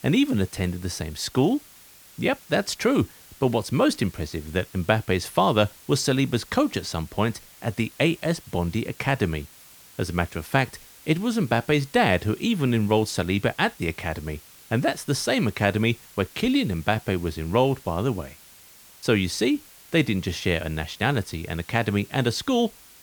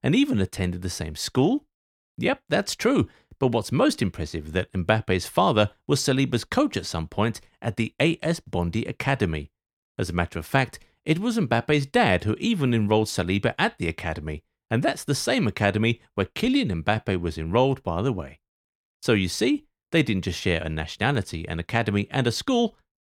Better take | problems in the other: second | hiss; faint; throughout; 20 dB below the speech

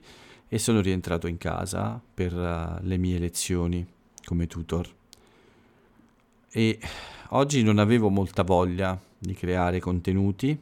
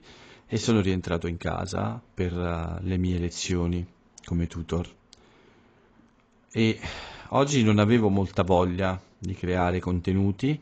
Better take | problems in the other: first | garbled, watery; badly; nothing above 7.5 kHz

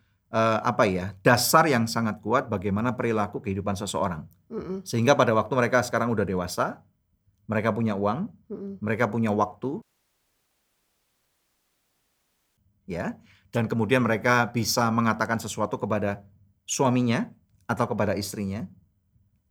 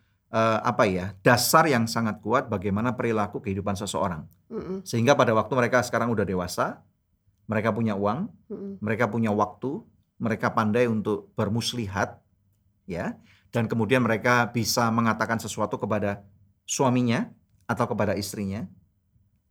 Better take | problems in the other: second | audio cutting out; at 10 s for 3 s

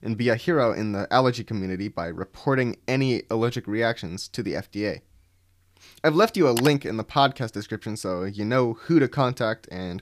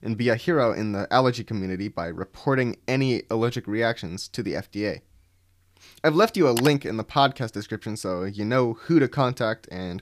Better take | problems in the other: neither | none

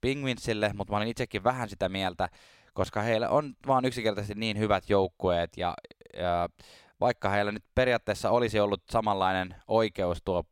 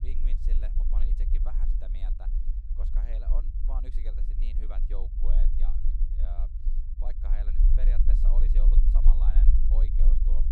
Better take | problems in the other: first | low rumble; loud; throughout; 2 dB below the speech

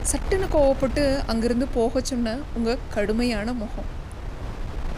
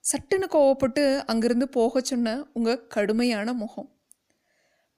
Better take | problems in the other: second | wind noise on the microphone; occasional gusts; 15 dB below the speech

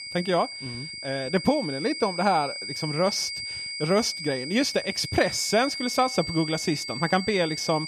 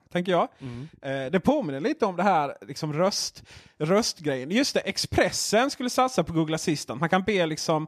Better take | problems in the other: second | high-pitched whine; loud; throughout; 5 kHz, 7 dB below the speech

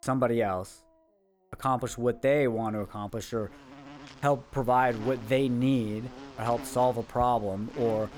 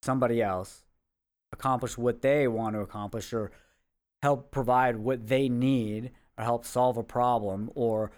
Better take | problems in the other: second | animal sounds; noticeable; throughout; 20 dB below the speech

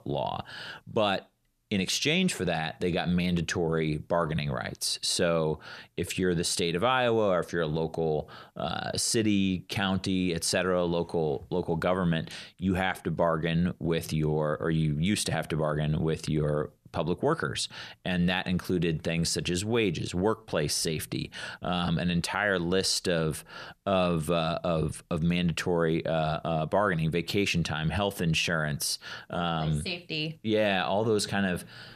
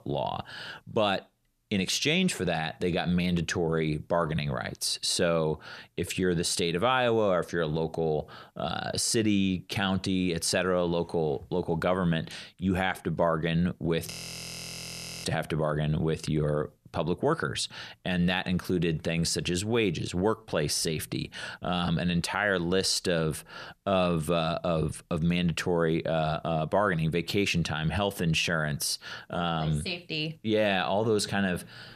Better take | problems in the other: first | audio freezing; at 14 s for 1 s

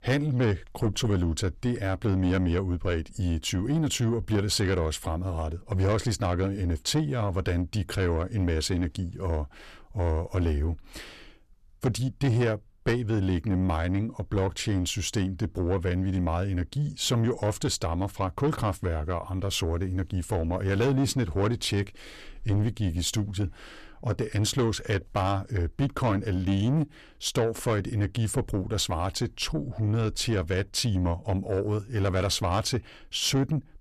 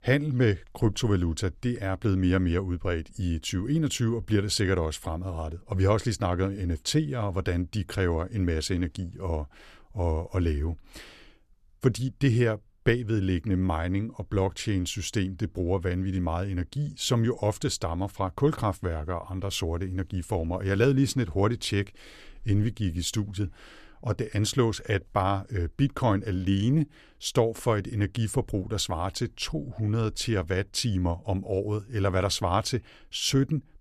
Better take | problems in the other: second | distortion; slight; 10 dB below the speech

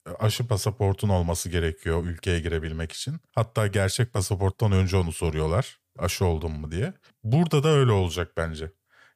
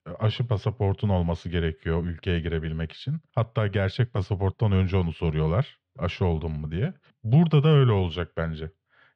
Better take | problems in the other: first | muffled; slightly; fading above 3.5 kHz

